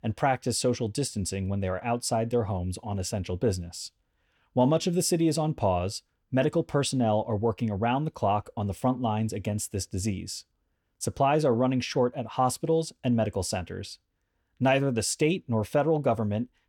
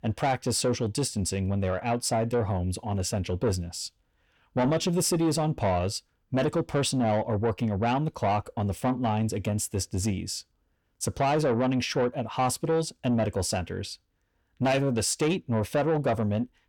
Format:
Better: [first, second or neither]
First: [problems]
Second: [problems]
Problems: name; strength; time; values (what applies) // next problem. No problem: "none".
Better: first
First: none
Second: distortion; slight; 10 dB below the speech